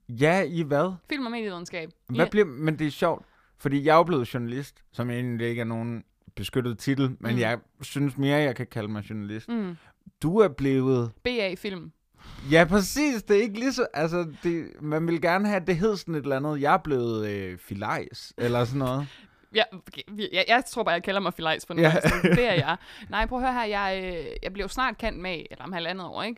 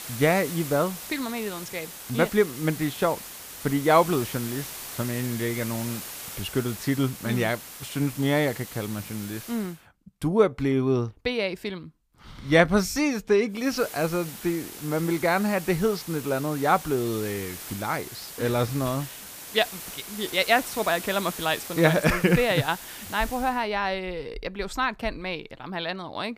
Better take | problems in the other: first | hiss; noticeable; until 9.5 s and from 14 to 24 s; 10 dB below the speech

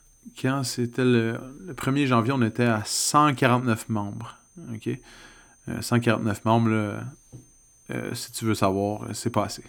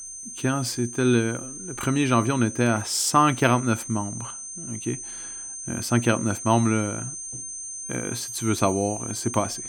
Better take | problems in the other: first | high-pitched whine; loud; throughout; 6.5 kHz, 9 dB below the speech; faint in the first

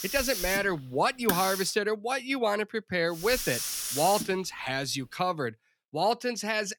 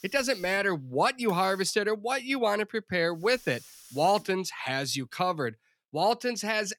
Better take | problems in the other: second | hiss; loud; until 1.5 s and from 3 to 5 s; 4 dB below the speech; faint in the second

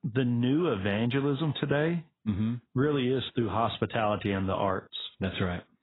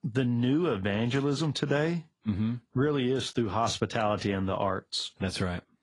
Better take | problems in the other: second | garbled, watery; badly; nothing above 4 kHz; slightly in the second

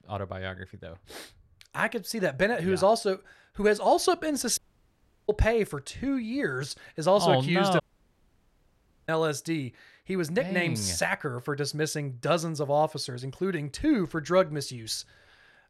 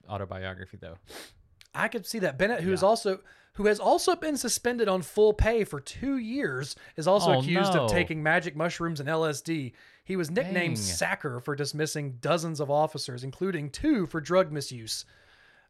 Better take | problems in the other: second | audio cutting out; at 4.5 s for 0.5 s and at 8 s for 1.5 s

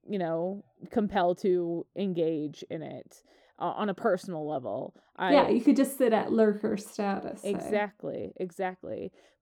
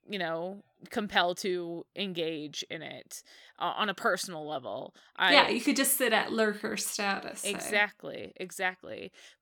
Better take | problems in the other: second | muffled; slightly; fading above 1 kHz

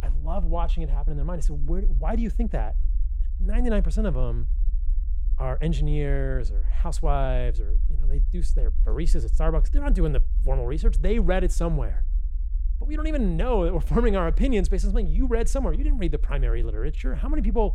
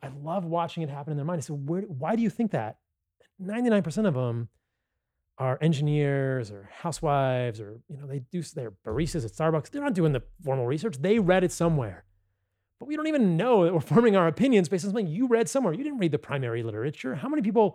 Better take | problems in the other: second | low rumble; faint; throughout; 20 dB below the speech

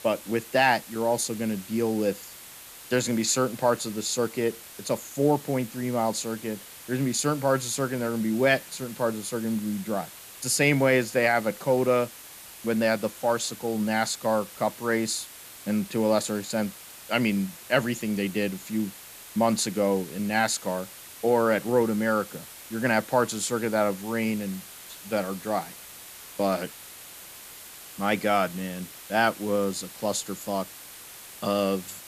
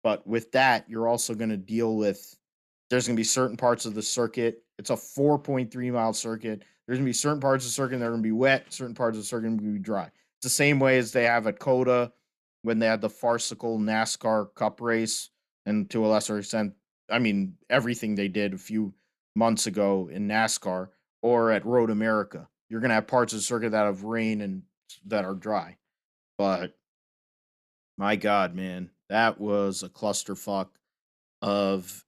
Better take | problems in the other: second | hiss; noticeable; throughout; 15 dB below the speech

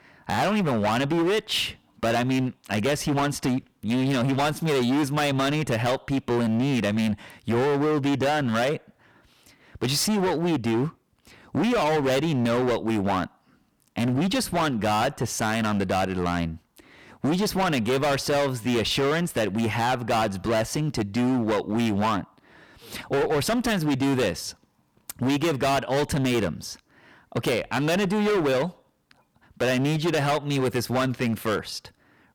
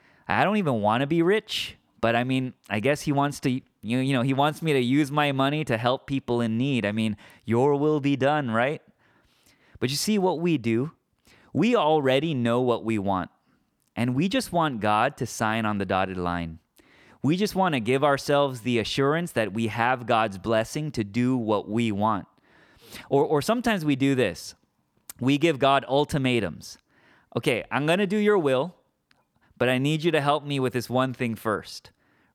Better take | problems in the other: second | distortion; heavy; 23% of the sound clipped

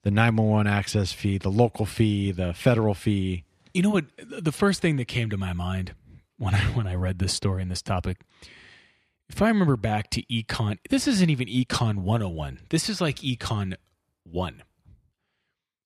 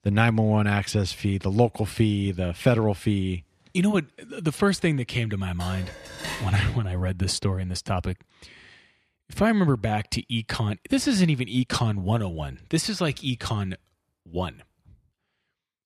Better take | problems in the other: first | clattering dishes; noticeable; from 5.5 to 6.5 s; peak 7 dB below the speech

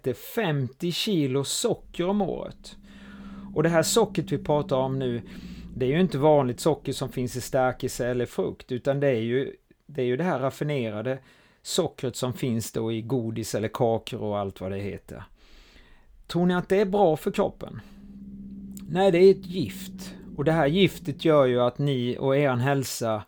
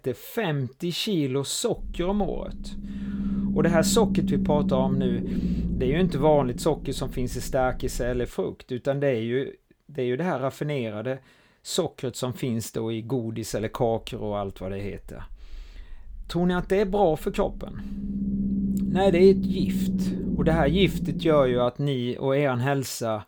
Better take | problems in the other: first | low rumble; loud; from 2 to 8.5 s and from 13 to 22 s; 9 dB below the speech; faint in the first

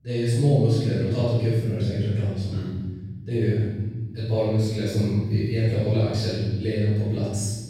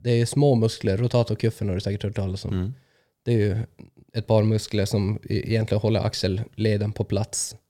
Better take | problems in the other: second | off-mic speech; far // room echo; strong; dies away in 1.4 s

